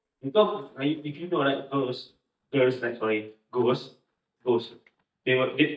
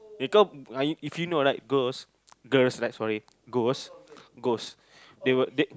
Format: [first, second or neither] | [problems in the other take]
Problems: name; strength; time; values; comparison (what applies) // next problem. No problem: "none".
second | noise reduction (neural mask model DeepFilterNet 3)